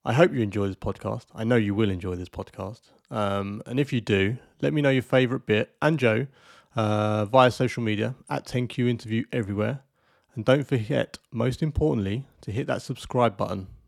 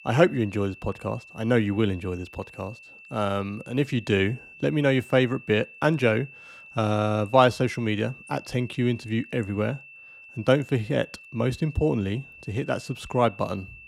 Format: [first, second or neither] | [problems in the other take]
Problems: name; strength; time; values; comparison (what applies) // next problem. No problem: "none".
first | high-pitched whine; noticeable; throughout; 2.5 kHz, 20 dB below the speech